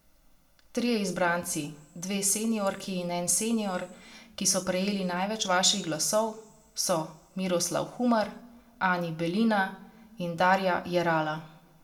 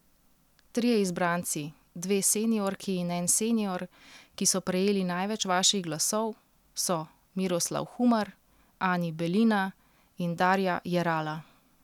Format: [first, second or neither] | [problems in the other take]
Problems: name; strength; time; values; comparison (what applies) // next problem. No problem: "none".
second | room echo; dies away in 0.4 s